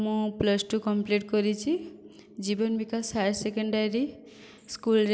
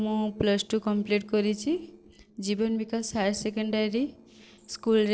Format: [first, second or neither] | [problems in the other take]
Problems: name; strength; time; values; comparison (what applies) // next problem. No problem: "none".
first | noise reduction (neural separator model SepFormer DNS4)